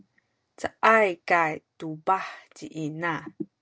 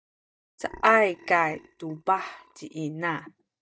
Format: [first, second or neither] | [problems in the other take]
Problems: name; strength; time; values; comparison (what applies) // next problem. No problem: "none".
first | noise reduction (neural mask model DeepFilterNet 3)